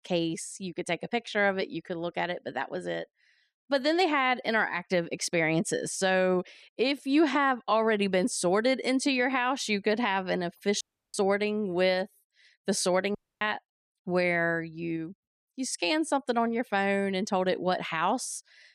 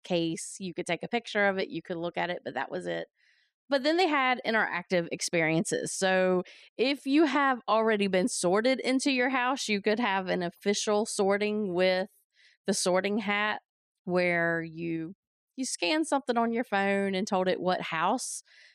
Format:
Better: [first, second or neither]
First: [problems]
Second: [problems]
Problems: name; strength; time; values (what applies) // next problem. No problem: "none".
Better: second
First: audio cutting out; at 11 s and at 13 s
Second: none